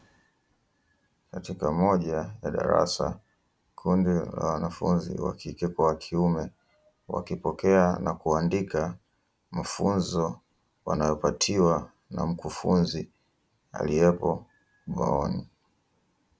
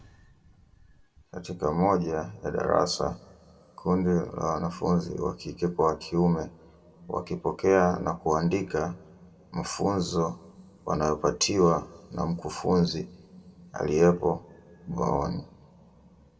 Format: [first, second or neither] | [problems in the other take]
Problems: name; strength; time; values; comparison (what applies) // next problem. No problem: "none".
first | room echo; dies away in 1.2 s